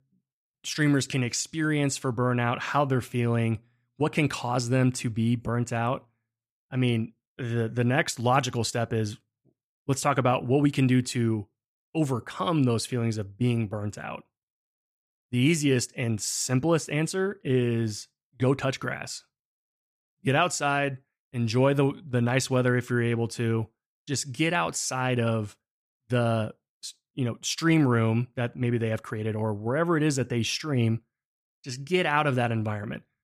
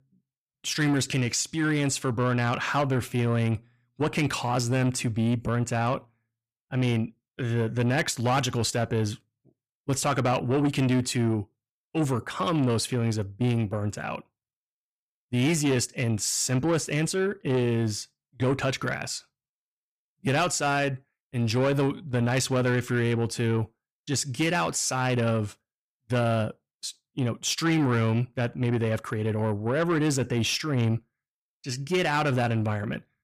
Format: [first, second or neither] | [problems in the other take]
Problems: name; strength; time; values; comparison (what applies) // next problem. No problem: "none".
first | distortion; slight; 10 dB below the speech